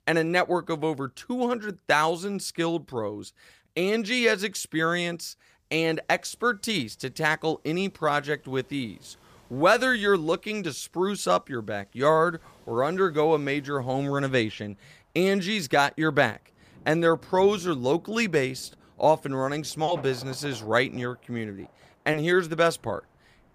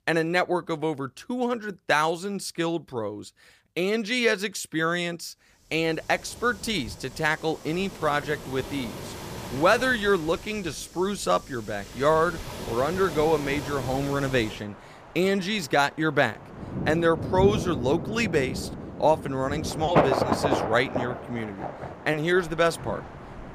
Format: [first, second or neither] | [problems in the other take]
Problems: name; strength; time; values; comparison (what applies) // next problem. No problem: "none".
first | rain or running water; loud; from 6 s on; 7 dB below the speech; faint in the first